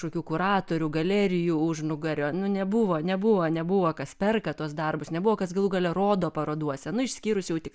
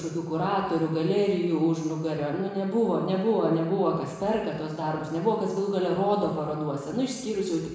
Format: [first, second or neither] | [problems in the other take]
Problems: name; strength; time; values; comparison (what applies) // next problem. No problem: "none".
first | room echo; dies away in 1 s